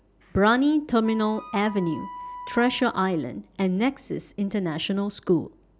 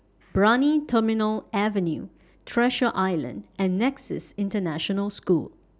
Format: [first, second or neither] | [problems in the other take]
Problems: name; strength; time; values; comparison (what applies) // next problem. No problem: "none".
second | background sound (Wind instrument, woodwind instrument); 15 dB below the speech